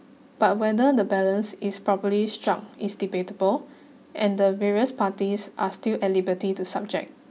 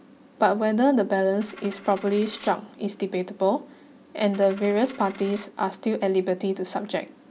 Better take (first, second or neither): first